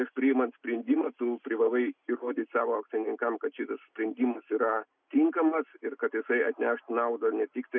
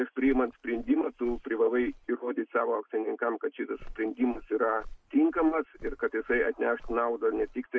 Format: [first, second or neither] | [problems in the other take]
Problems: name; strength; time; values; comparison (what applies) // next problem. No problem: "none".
first | background sound (Walk, footsteps); 16 dB below the speech